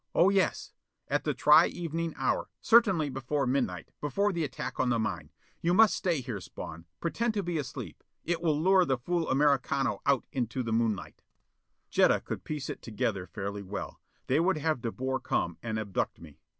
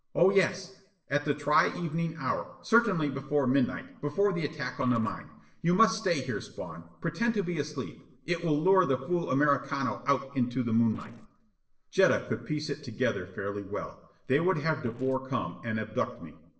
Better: first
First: none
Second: noise reduction (neural separator model SepFormer DNS4)

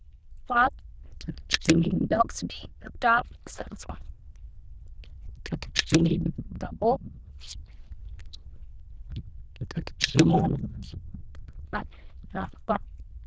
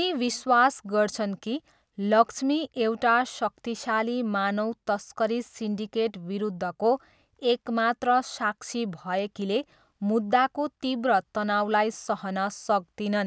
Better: second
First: noise reduction (neural diffusion model UNIVERSE++)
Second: none

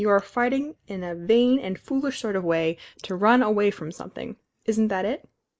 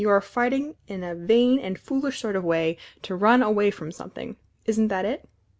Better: second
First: noise reduction (neural mask model Resemble Enhance denoiser)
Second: none

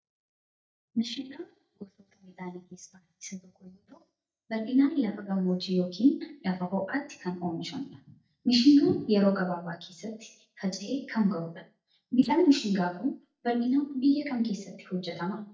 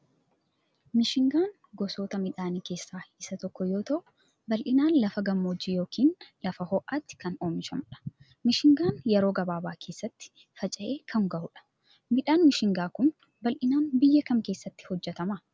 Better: second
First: noise reduction (neural mask model DeepFilterNet 3)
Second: none

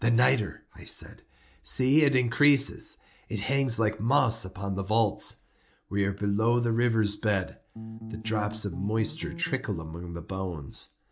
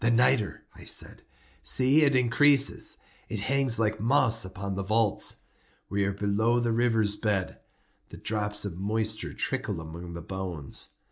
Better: second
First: background sound (Bass guitar); 11 dB below the speech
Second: none

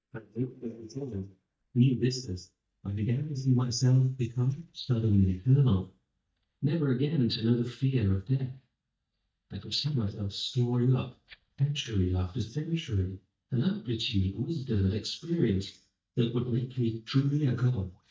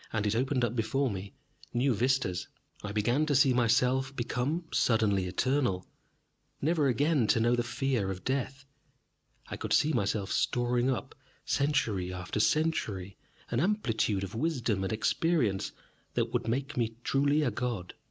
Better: second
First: noise reduction (neural mask model DeepFilterNet 3)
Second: none

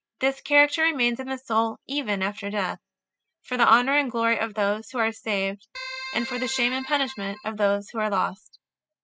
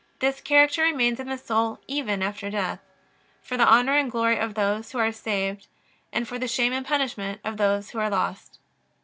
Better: second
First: noise reduction (classical method spectral subtraction)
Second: none

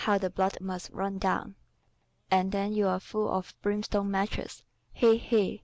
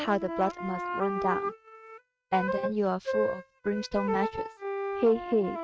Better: first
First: none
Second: noise reduction (neural mask model RNNoise)

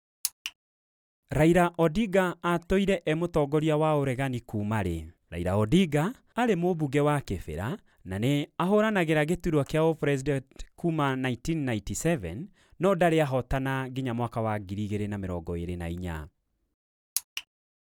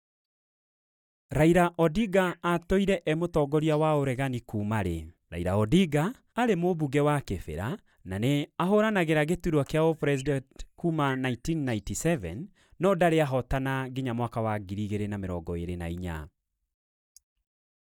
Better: first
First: none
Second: noise reduction (neural mask model DeepFilterNet 3)

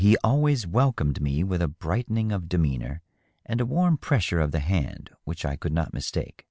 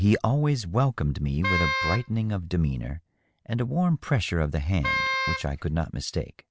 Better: first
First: none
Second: background sound (Wind instrument, woodwind instrument); 3 dB below the speech

